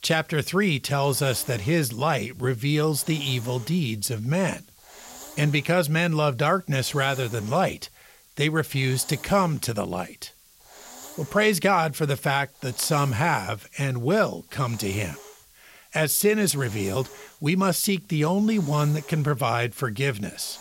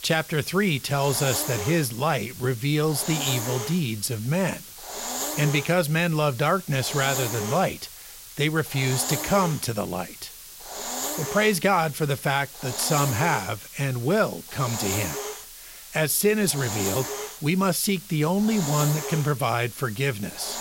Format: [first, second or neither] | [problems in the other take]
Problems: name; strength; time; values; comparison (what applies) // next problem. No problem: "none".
first | hiss; loud; throughout; 8 dB below the speech; faint in the first